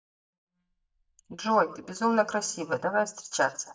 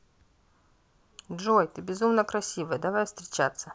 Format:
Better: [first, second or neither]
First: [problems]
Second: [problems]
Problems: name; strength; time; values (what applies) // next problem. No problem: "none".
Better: second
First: noise reduction (neural mask model DeepFilterNet 3)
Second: none